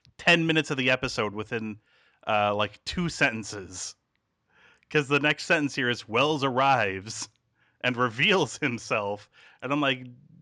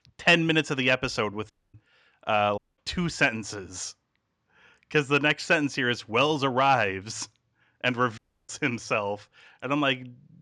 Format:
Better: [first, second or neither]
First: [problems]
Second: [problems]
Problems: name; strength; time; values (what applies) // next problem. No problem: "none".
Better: first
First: none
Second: audio cutting out; at 1.5 s, at 2.5 s and at 8 s